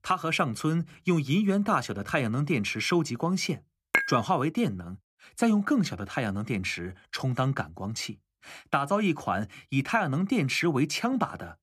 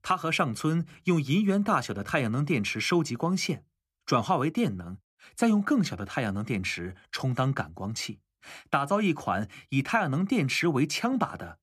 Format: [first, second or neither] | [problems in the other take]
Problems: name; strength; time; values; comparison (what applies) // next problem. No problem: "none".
second | clattering dishes; loud; at 4 s; peak 1 dB above the speech